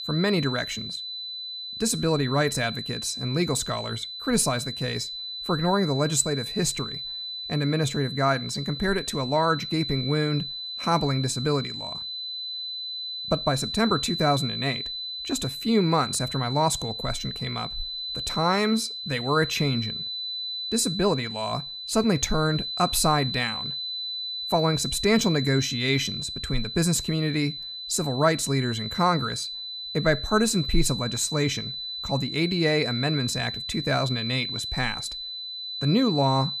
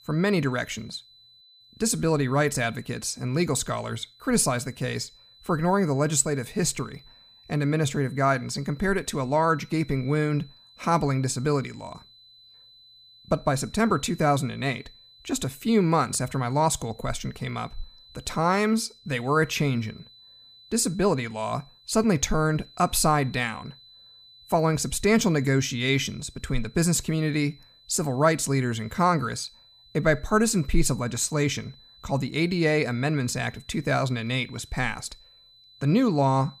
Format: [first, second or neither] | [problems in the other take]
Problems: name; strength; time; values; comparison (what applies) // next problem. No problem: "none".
second | high-pitched whine; loud; throughout; 4 kHz, 5 dB below the speech; faint in the second